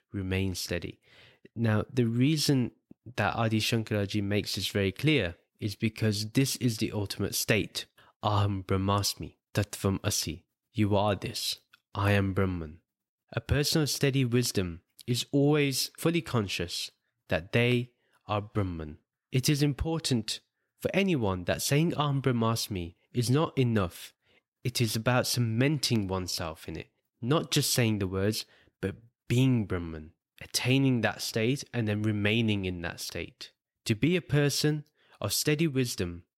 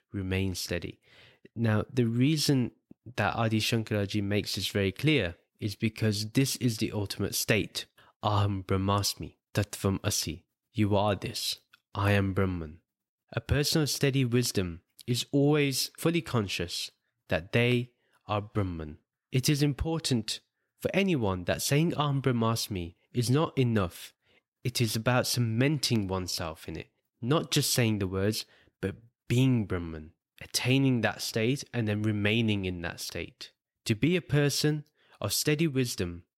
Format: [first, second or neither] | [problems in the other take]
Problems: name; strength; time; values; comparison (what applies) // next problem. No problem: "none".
neither | none